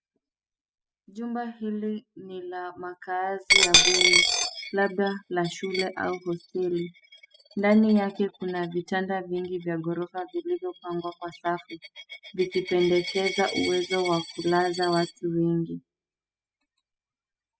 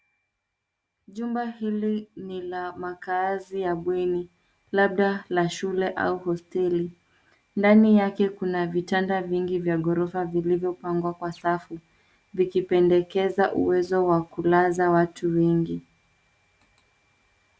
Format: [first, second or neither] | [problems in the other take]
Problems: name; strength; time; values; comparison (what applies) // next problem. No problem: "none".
second | noise reduction (classical method spectral subtraction)